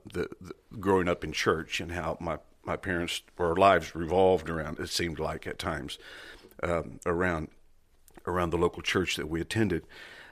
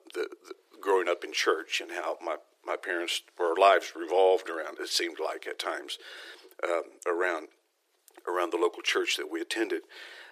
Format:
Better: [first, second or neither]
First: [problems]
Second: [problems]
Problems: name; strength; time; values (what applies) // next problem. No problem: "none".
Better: first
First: none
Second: thin; very; fading below 350 Hz